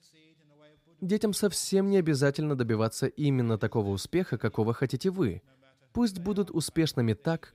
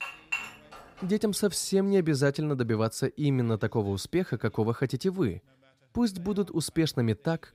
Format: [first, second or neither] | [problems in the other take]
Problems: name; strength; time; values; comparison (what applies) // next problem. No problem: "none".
first | clattering dishes; noticeable; at the start; peak 4 dB below the speech